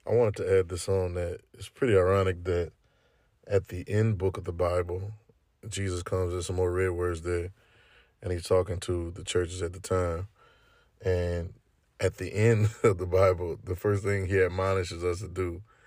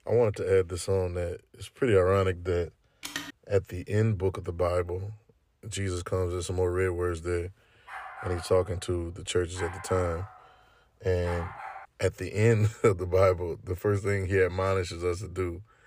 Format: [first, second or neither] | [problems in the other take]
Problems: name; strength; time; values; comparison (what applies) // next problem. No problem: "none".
first | phone ringing; noticeable; at 3 s; peak 8 dB below the speech // dog barking; faint; from 8 to 12 s; peak 10 dB below the speech